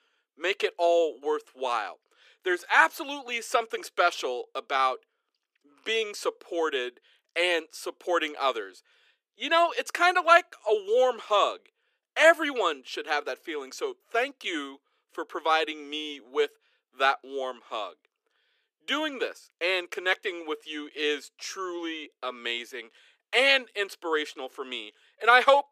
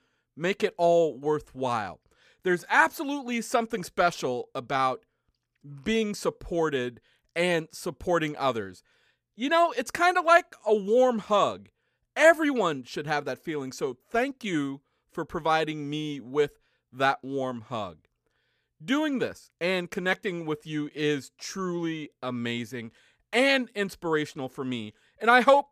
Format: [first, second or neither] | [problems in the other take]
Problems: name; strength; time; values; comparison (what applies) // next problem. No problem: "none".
second | thin; somewhat; fading below 350 Hz